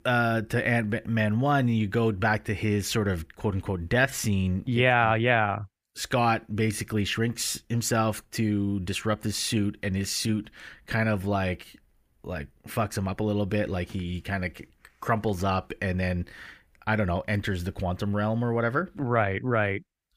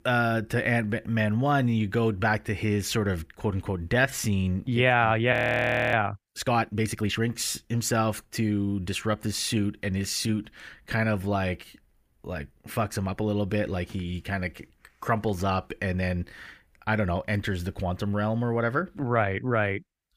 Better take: first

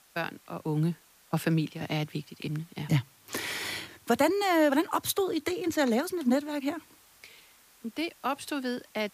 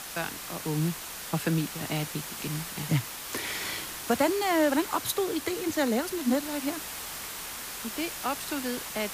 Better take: first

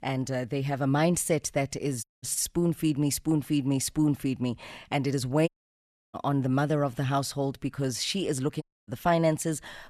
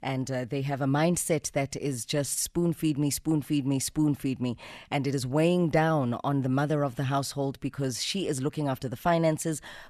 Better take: second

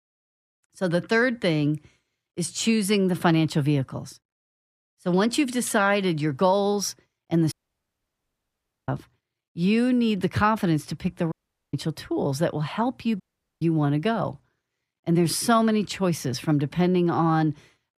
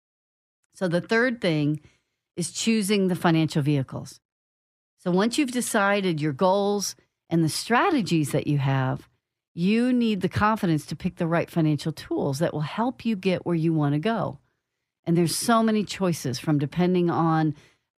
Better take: second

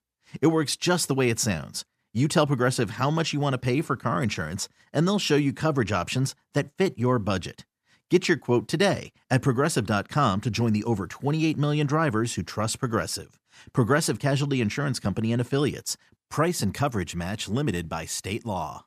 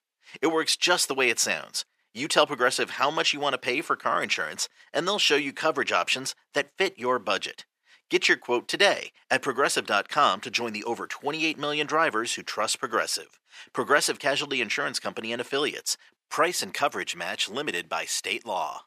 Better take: first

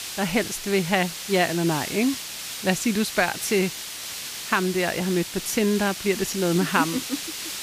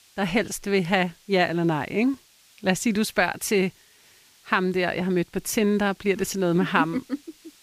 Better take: second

